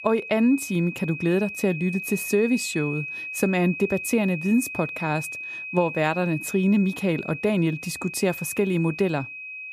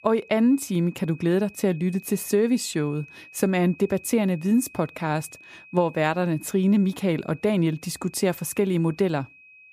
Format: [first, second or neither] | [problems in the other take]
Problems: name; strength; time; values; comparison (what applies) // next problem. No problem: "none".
second | high-pitched whine; loud; throughout; 2.5 kHz, 8 dB below the speech; faint in the second